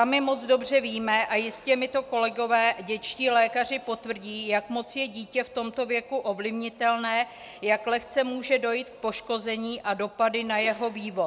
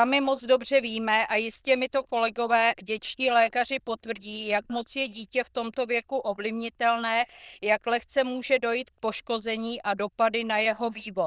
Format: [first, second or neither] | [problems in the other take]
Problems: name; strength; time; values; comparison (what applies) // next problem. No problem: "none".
first | noise reduction (neural diffusion model UNIVERSE++)